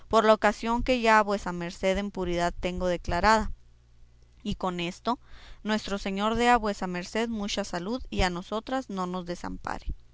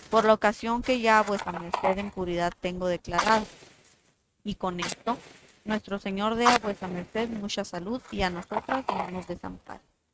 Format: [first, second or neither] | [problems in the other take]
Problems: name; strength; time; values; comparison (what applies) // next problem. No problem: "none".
first | noise reduction (neural mask model RNNoise)